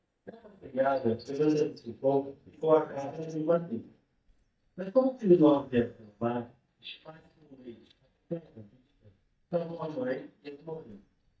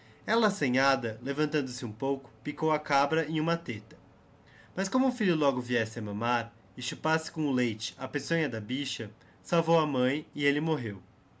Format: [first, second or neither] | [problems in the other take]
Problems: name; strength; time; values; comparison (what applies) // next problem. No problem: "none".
second | noise reduction (neural mask model DeepFilterNet 3)